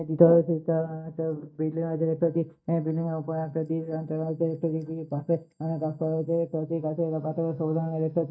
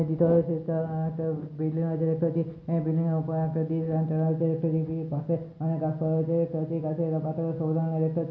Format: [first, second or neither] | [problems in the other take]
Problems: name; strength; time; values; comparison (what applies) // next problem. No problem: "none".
second | noise reduction (neural mask model DeepFilterNet 3)